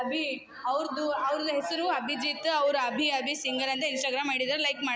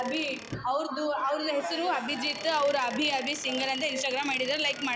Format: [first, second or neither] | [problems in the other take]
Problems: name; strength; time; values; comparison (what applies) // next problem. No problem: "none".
first | background sound (Squeak / Wood); 14 dB below the speech